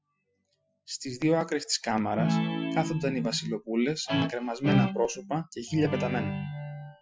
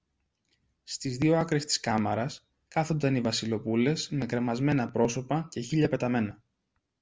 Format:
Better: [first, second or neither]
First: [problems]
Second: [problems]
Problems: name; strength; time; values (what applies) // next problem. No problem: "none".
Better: second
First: noise reduction (classical method Wiener filter)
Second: none